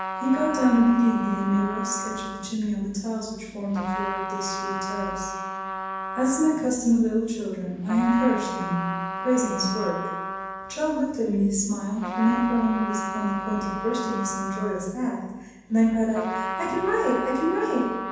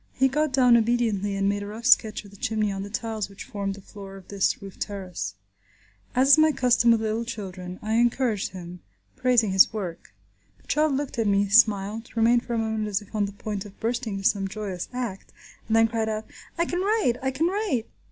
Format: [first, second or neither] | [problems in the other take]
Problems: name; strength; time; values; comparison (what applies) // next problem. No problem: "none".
second | background sound (Trumpet); 7 dB below the speech // room echo; dies away in 1.1 s